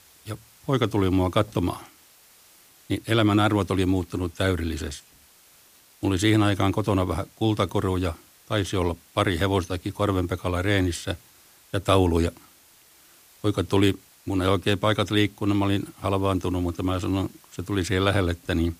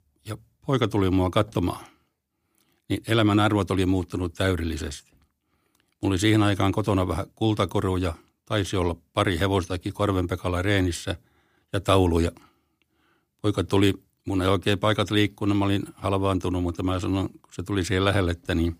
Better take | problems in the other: second | hiss; faint; throughout; 25 dB below the speech

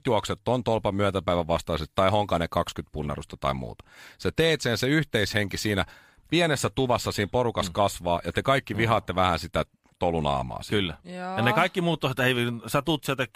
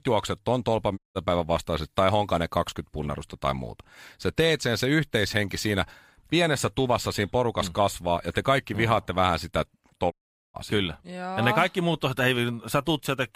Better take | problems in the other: first | audio cutting out; at 1 s and at 10 s

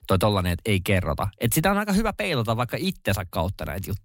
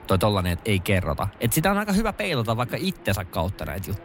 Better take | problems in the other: first | train or aircraft noise; faint; throughout; 20 dB below the speech

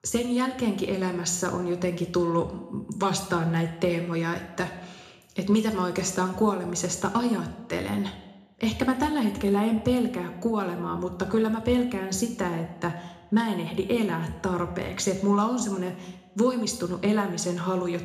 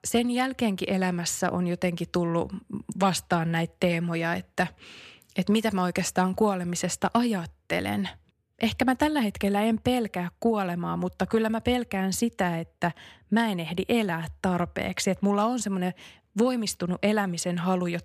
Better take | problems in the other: second | room echo; slight; dies away in 0.6 s // off-mic speech; somewhat distant

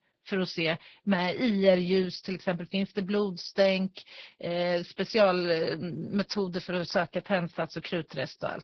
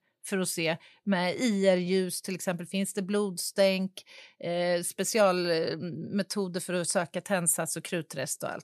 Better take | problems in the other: second | garbled, watery; badly; nothing above 5.5 kHz

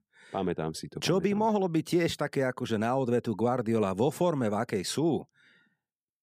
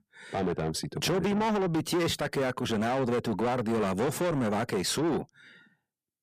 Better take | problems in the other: first | distortion; heavy; 7 dB below the speech

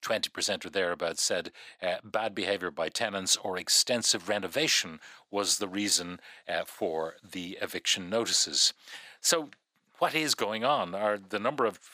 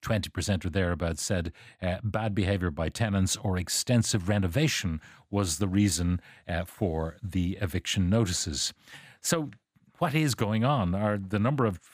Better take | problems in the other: second | thin; very; fading below 500 Hz

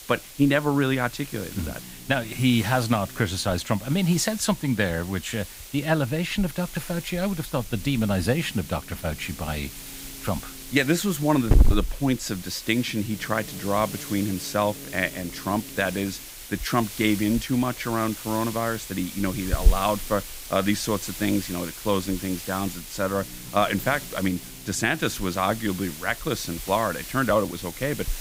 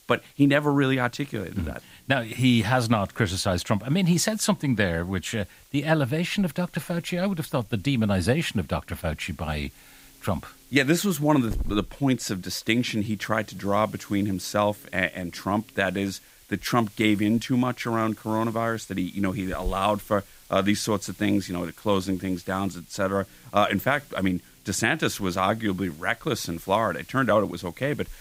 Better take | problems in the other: second | hiss; loud; throughout; 8 dB below the speech; faint in the second

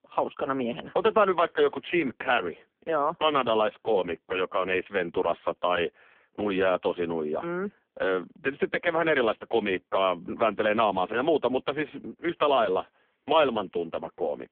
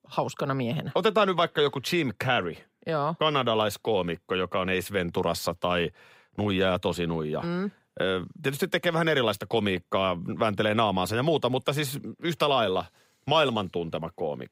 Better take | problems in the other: second | phone-call audio; poor line; nothing above 3.5 kHz

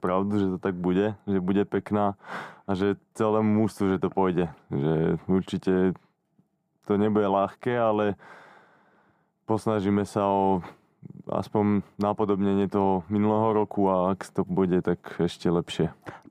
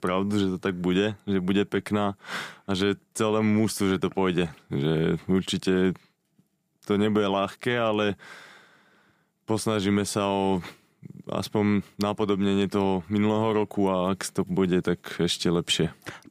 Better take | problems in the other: second | muffled; very; fading above 2 kHz

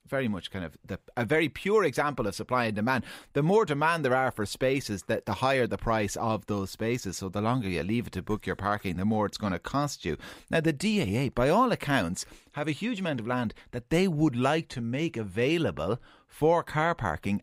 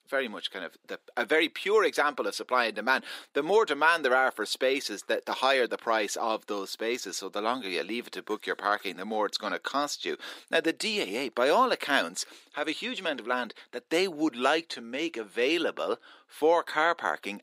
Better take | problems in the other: first | thin; somewhat; fading below 300 Hz

